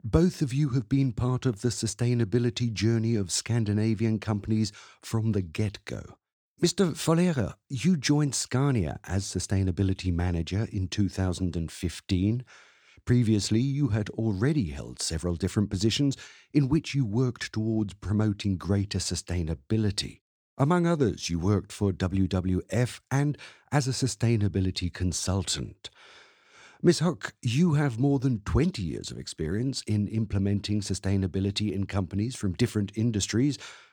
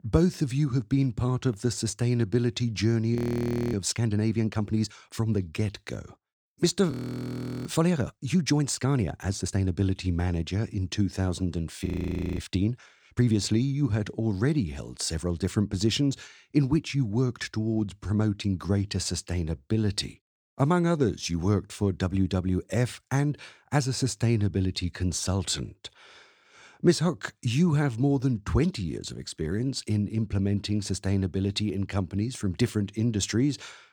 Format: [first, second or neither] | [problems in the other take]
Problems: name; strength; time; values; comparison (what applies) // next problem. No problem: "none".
first | audio freezing; at 3 s for 0.5 s, at 7 s for 0.5 s and at 12 s for 0.5 s